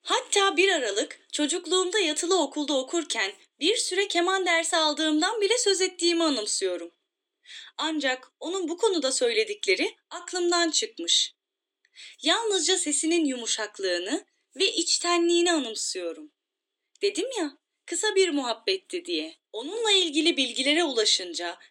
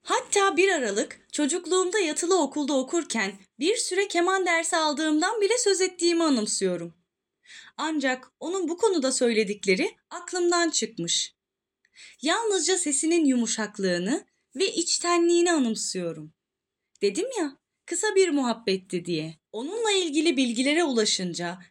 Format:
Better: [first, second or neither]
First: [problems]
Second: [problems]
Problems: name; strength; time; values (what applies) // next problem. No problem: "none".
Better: second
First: thin; very slightly; fading below 300 Hz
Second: none